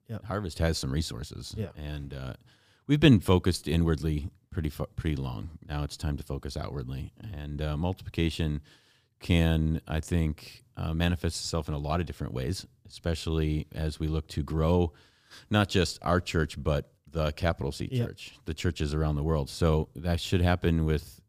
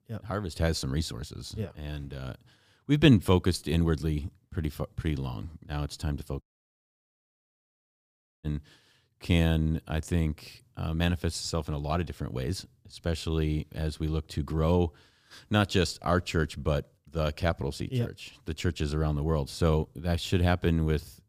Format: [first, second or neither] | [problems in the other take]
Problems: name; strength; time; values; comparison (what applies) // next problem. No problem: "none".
first | audio cutting out; at 6.5 s for 2 s